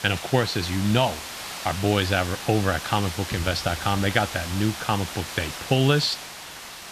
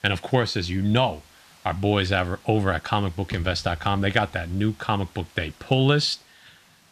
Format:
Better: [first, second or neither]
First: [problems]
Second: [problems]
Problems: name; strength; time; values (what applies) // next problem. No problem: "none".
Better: second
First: hiss; loud; throughout; 9 dB below the speech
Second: hiss; faint; throughout; 30 dB below the speech